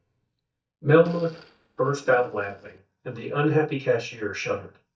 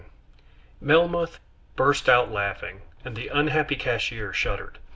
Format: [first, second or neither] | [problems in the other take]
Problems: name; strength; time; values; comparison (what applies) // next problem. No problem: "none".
second | noise reduction (neural mask model DeepFilterNet 3)